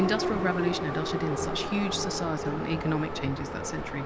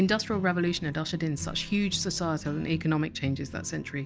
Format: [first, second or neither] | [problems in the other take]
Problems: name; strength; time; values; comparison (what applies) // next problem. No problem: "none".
second | background sound (Subway, metro, underground); 2 dB below the speech